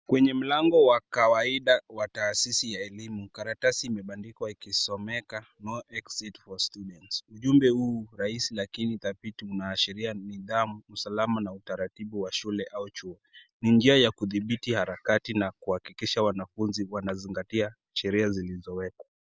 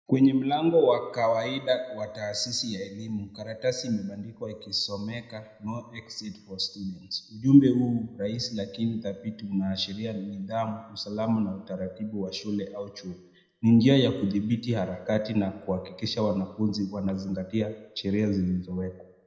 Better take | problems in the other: first | room echo; dies away in 0.7 s

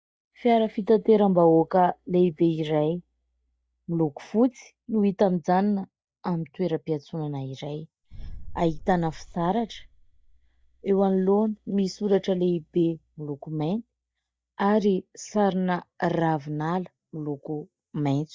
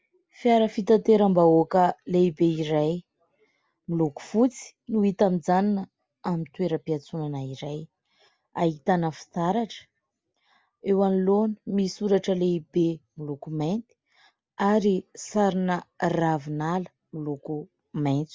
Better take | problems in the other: second | noise reduction (neural mask model DeepFilterNet 3)

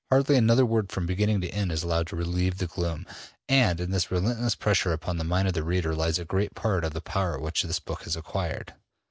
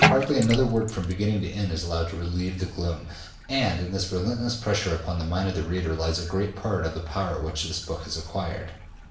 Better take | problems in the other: first | background sound (Bathtub (filling or washing)); 6 dB below the speech // room echo; dies away in 0.6 s

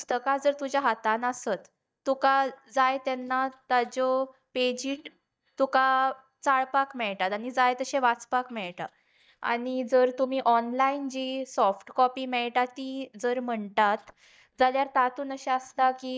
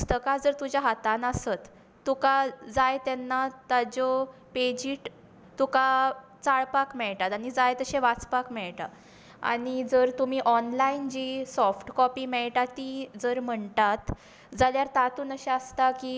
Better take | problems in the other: second | noise reduction (neural mask model DeepFilterNet 3)

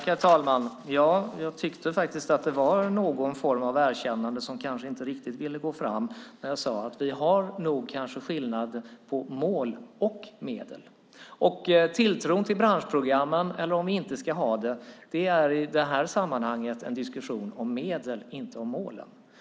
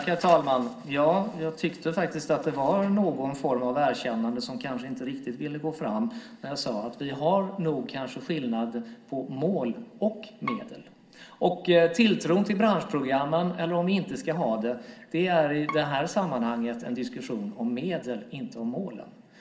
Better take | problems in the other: first | background sound (Bowed string instrument); 16 dB below the speech // room echo; dies away in 1.2 s

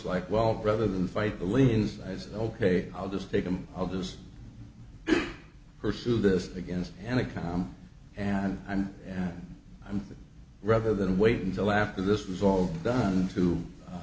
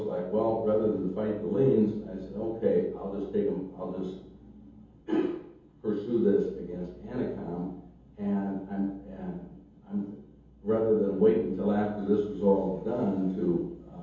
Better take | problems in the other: first | room echo; dies away in 0.7 s

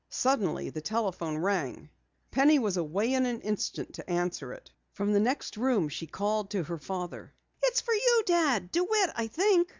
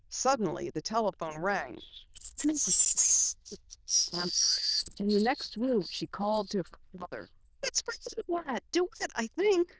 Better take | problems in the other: first | noise reduction (neural diffusion model UNIVERSE++)

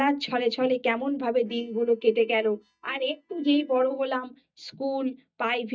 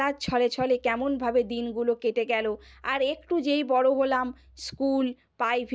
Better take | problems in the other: second | noise reduction (neural mask model DeepFilterNet 3)

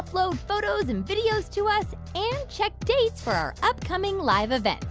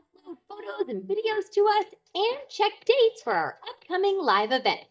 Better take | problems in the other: first | noise reduction (neural mask model DeepFilterNet 3)

